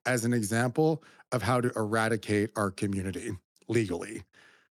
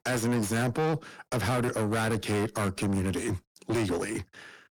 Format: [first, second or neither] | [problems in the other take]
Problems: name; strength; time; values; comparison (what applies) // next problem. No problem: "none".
first | distortion; heavy; 5 dB below the speech